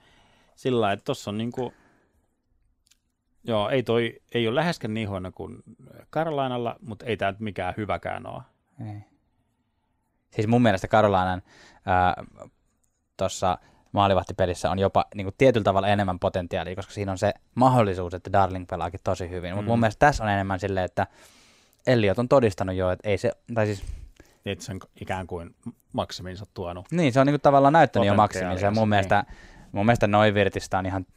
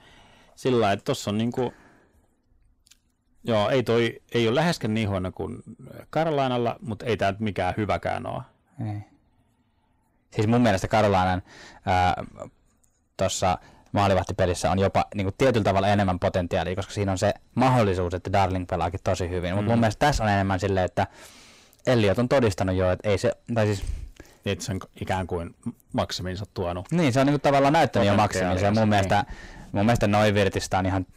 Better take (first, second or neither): first